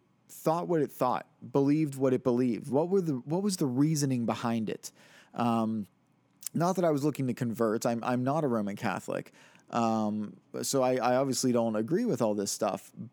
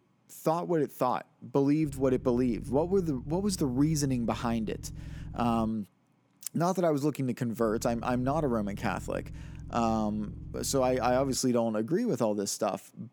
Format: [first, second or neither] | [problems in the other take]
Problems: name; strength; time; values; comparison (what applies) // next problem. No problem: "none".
first | low rumble; faint; from 2 to 5.5 s and from 7.5 to 11 s; 25 dB below the speech